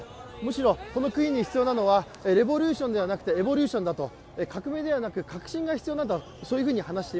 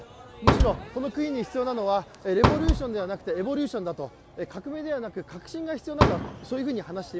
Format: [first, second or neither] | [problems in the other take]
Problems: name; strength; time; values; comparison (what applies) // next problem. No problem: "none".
first | background sound (Bass drum + Fireworks); 3 dB above the speech